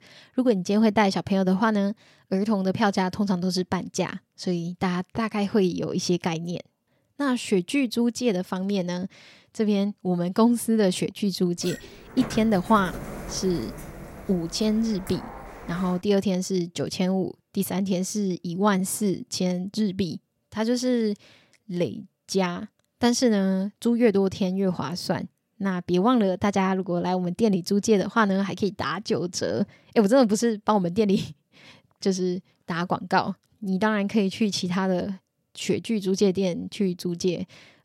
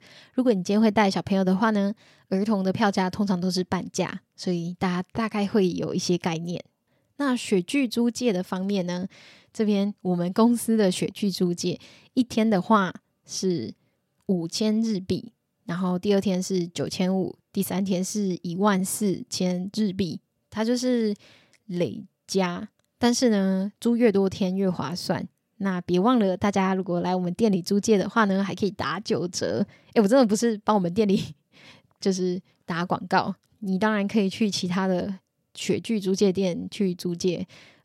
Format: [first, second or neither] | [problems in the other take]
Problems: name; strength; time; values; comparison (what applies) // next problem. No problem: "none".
second | door banging; faint; from 12 to 16 s; peak 10 dB below the speech